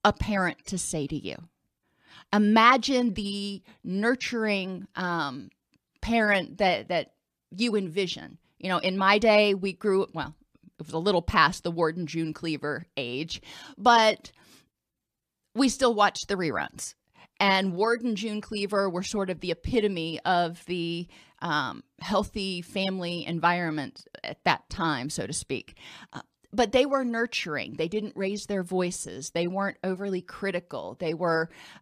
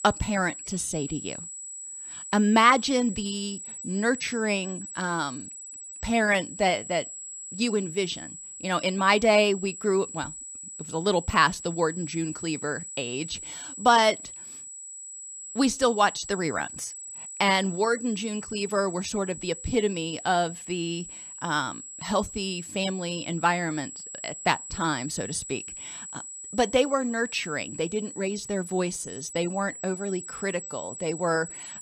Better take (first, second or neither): first